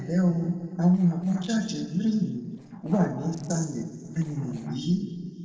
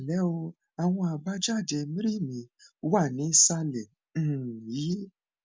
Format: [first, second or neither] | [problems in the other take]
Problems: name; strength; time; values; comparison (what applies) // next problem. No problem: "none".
second | noise reduction (neural separator model SepFormer DNS4)